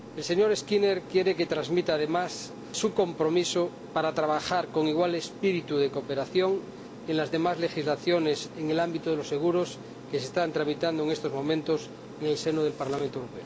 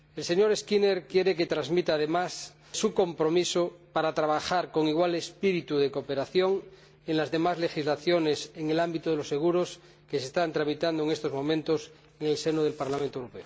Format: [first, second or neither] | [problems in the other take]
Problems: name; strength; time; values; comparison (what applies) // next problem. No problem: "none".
second | background sound (Aircraft); 15 dB below the speech